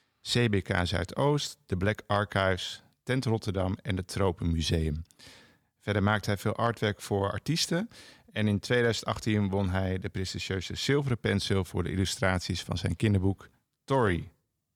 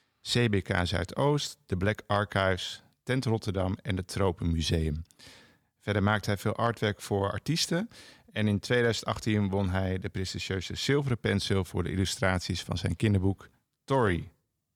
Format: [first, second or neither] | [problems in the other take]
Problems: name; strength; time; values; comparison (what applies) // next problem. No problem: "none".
neither | none